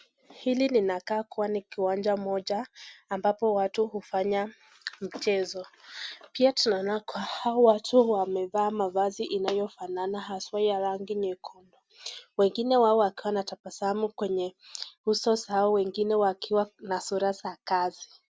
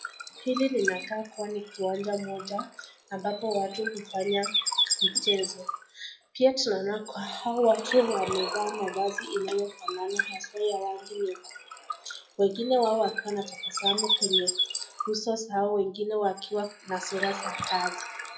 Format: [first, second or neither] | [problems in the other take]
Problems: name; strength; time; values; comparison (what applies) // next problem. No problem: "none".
first | noise reduction (classical method WPE with log-MMSE)